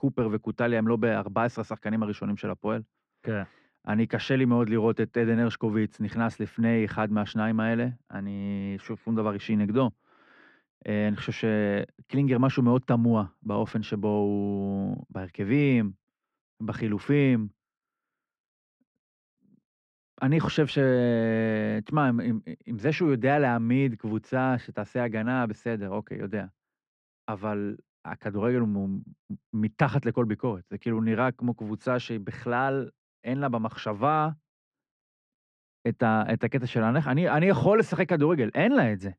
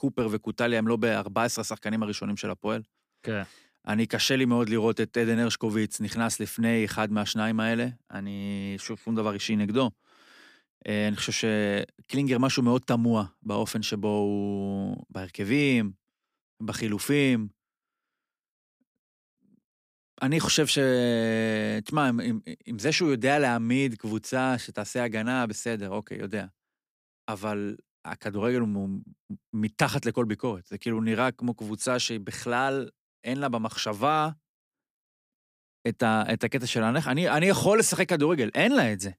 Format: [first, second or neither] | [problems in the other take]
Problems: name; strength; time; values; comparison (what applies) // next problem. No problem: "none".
second | muffled; very; fading above 2 kHz